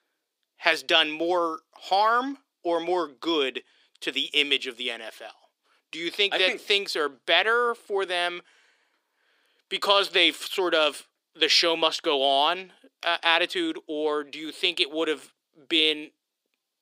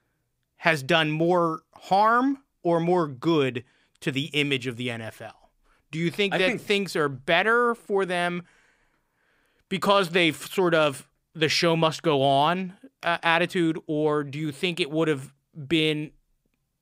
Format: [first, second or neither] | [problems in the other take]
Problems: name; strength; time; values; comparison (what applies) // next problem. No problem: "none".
second | thin; somewhat; fading below 300 Hz